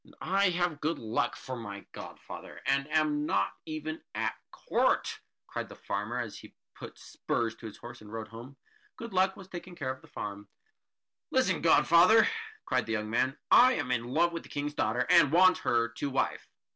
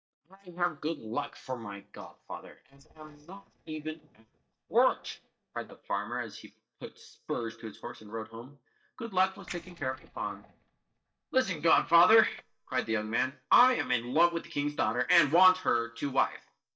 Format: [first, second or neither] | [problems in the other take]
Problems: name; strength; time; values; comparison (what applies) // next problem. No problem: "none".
first | noise reduction (neural mask model DeepFilterNet 3)